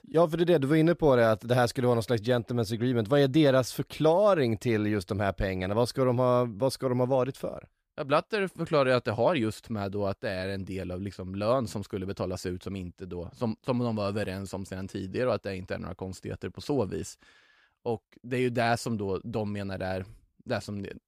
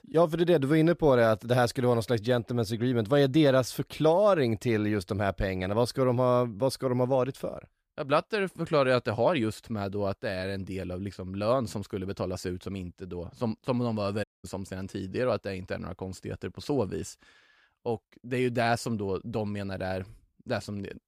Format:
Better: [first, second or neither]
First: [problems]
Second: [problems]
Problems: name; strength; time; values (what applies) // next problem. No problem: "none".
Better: first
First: none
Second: audio cutting out; at 14 s